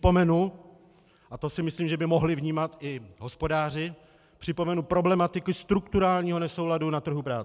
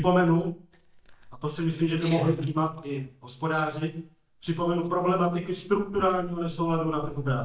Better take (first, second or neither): first